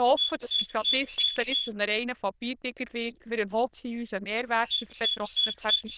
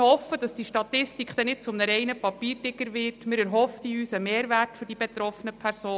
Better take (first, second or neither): second